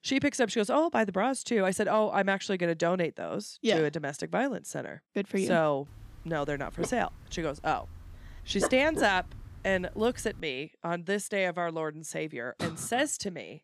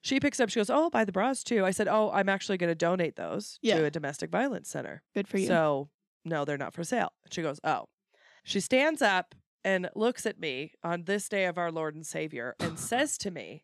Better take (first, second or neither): second